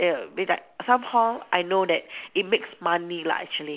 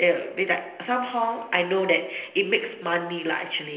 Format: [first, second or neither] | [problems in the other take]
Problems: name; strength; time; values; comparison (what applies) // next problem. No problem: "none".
first | room echo; dies away in 1.4 s